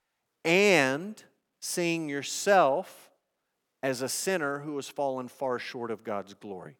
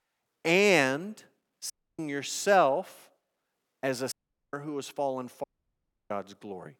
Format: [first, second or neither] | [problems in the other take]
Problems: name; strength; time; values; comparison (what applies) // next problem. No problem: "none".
first | audio cutting out; at 1.5 s, at 4 s and at 5.5 s for 0.5 s